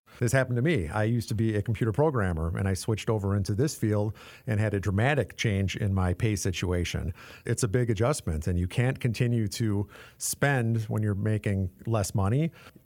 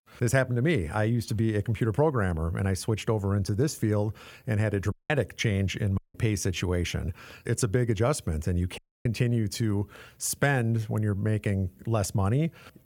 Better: first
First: none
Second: audio cutting out; at 5 s, at 6 s and at 9 s

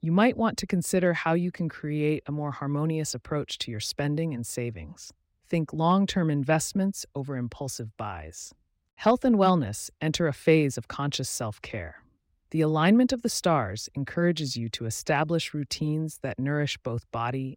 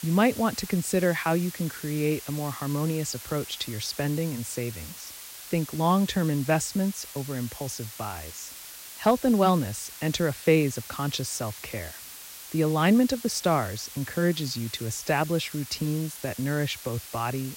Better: first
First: none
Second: hiss; noticeable; throughout; 10 dB below the speech

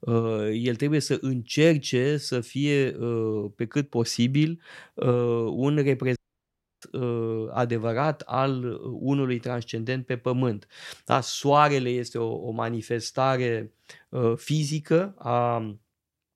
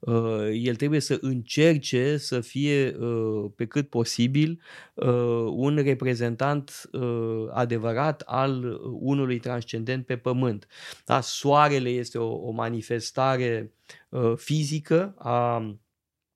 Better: second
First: audio cutting out; at 6 s for 0.5 s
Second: none

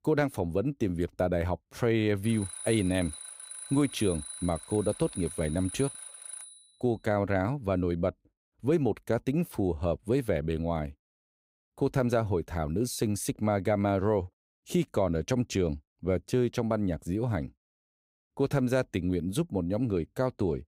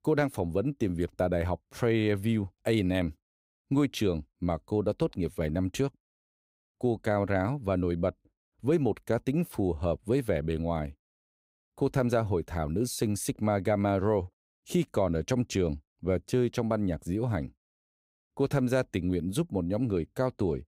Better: second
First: alarm; noticeable; from 2 to 6.5 s; peak 8 dB below the speech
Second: none

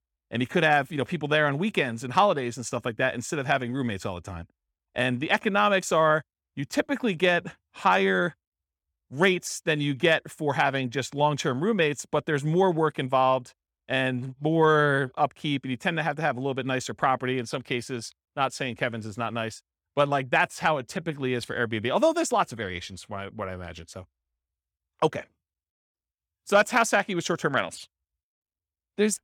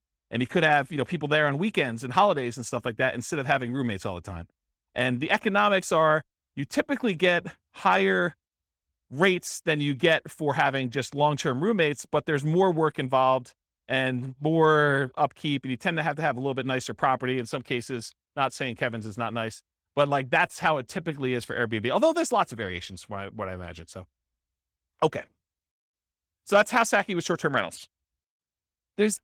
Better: first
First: none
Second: garbled, watery; slightly; nothing above 17 kHz

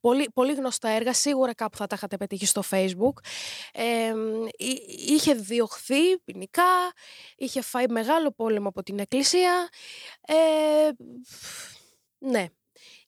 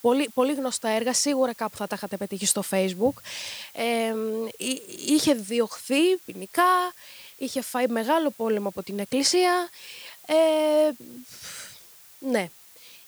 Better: first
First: none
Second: hiss; faint; throughout; 20 dB below the speech

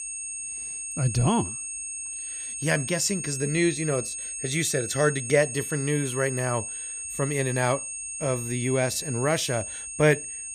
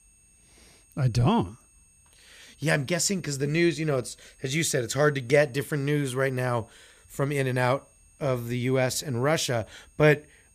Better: second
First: high-pitched whine; loud; throughout; 8.5 kHz, 5 dB below the speech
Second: high-pitched whine; faint; throughout; 8.5 kHz, 30 dB below the speech

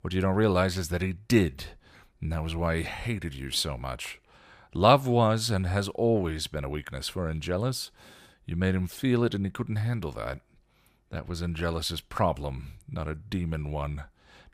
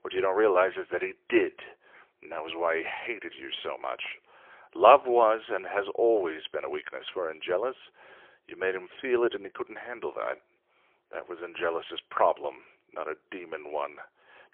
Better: first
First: none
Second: phone-call audio; poor line; nothing above 3.5 kHz

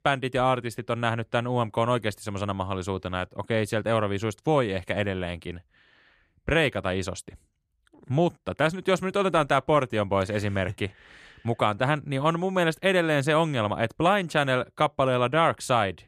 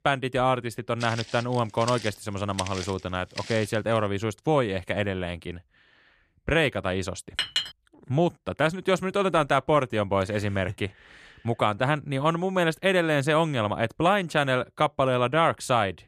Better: first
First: none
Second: footsteps; noticeable; from 1 to 3.5 s; peak 8 dB below the speech // clattering dishes; noticeable; at 7.5 s; peak 1 dB below the speech

